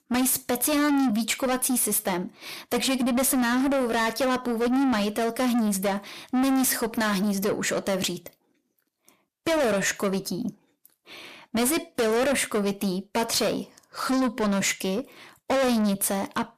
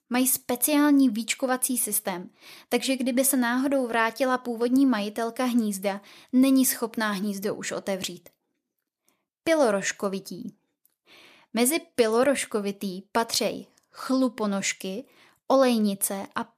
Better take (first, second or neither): second